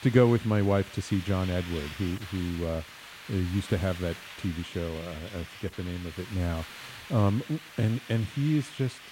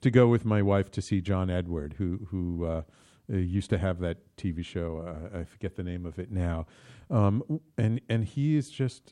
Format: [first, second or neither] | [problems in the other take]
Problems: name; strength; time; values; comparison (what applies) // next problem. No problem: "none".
second | hiss; noticeable; throughout; 15 dB below the speech